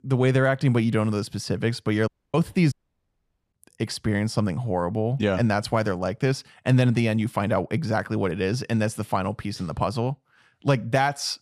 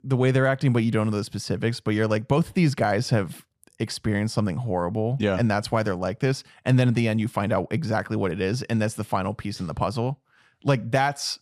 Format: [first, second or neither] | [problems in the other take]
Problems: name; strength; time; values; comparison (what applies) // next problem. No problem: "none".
second | audio cutting out; at 2 s and at 2.5 s for 1 s